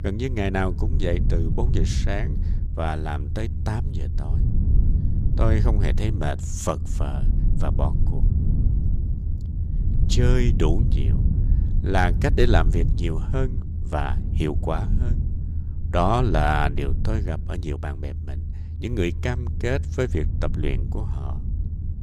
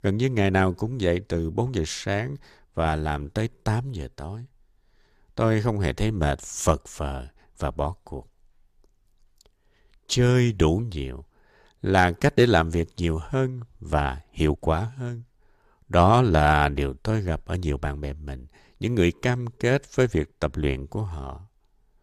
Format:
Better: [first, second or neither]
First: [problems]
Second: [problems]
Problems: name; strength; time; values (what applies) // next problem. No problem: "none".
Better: second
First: low rumble; noticeable; throughout; 10 dB below the speech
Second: none